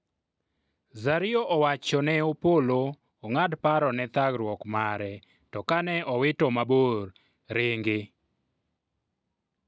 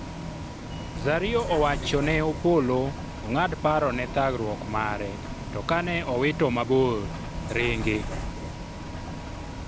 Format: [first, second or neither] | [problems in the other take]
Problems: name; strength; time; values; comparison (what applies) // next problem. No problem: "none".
first | background sound (Bus); 7 dB below the speech